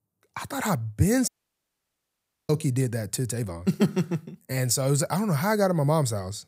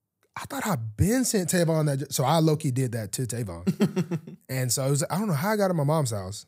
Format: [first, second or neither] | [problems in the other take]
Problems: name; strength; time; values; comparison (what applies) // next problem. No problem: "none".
second | audio cutting out; at 1.5 s for 1 s